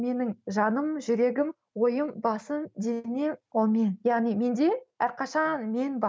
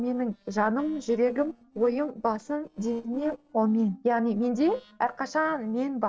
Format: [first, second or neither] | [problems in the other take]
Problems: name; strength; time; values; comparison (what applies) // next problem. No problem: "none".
first | noise reduction (neural separator model SepFormer DNS4)